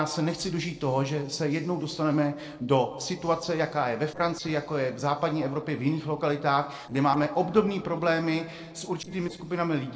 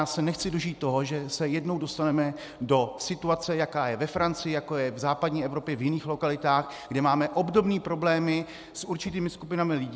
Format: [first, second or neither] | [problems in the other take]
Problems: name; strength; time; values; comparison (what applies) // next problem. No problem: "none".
second | noise reduction (neural separator model SepFormer DNS4)